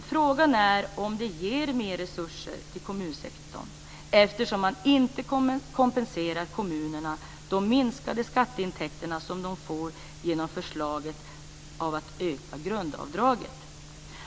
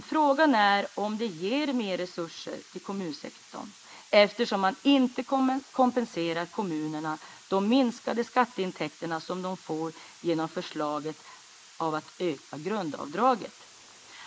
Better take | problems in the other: first | noise reduction (neural mask model Resemble Enhance denoiser)

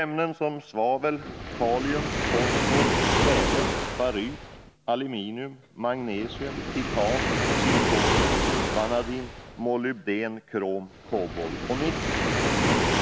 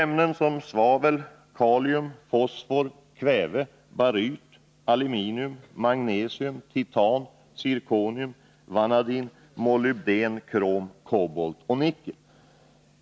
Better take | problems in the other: second | background sound (Waves, surf); 2 dB above the speech

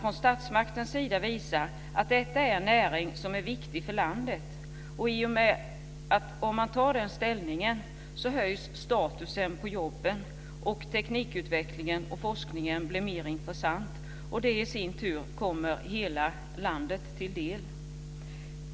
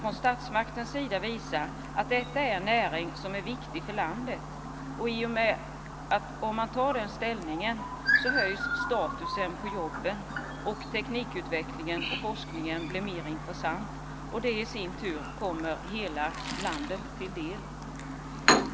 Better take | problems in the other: first | background sound (Chirp, tweet); 3 dB below the speech

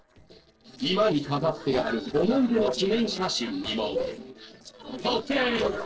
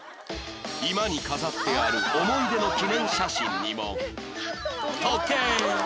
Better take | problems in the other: second | noise reduction (neural separator model SepFormer DNS4)

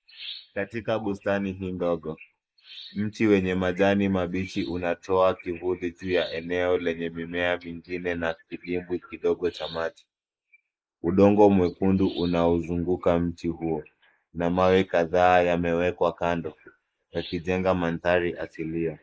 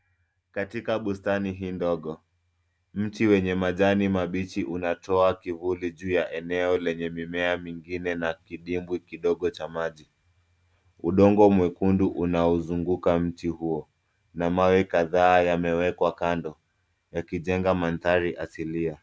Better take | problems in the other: second | noise reduction (neural mask model Resemble Enhance denoiser)

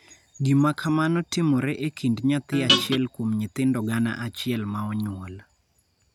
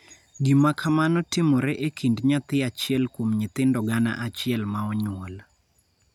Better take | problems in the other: second | background sound (Guitar); 3 dB above the speech

